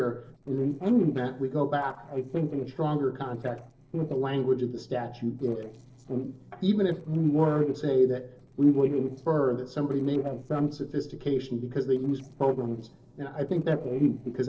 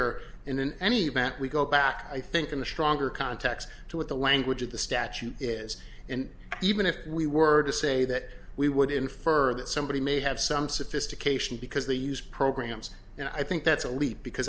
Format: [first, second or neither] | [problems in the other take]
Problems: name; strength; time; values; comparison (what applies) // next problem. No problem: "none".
second | noise reduction (neural separator model SepFormer DNS4)